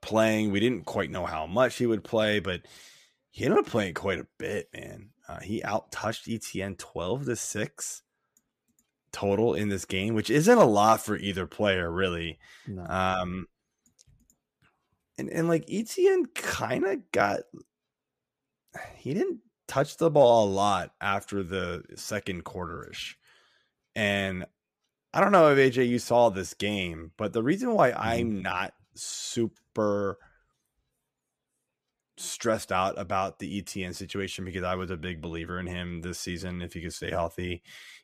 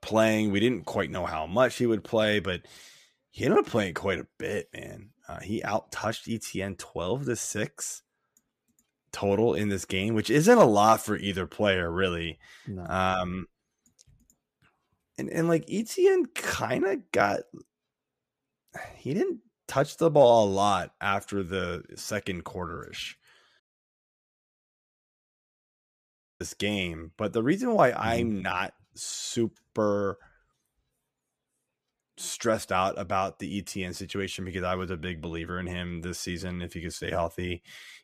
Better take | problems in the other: first | audio cutting out; at 24 s for 3 s

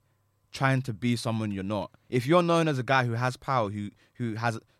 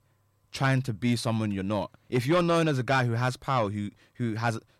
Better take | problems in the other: first | distortion; slight; 10 dB below the speech

